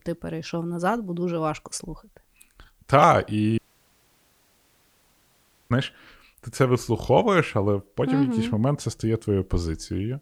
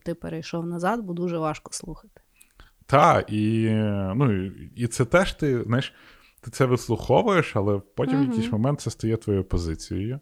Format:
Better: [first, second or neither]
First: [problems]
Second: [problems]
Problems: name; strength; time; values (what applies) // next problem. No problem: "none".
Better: second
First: audio cutting out; at 3.5 s for 2 s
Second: none